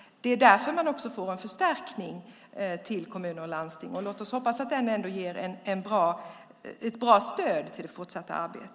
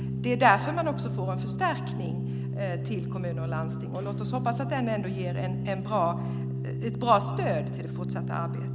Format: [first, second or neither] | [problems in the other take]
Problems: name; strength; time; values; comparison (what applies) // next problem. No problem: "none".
first | background sound (Organ); 1 dB below the speech